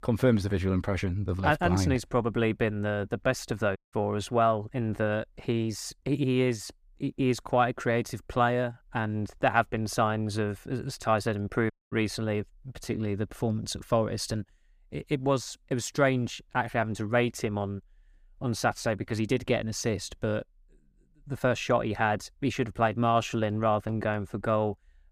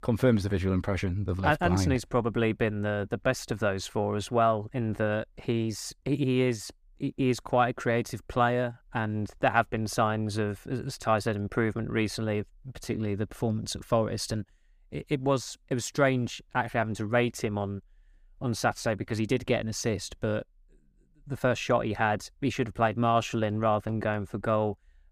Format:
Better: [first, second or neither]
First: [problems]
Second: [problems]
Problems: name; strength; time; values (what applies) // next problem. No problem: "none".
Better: second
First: audio cutting out; at 4 s and at 12 s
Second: none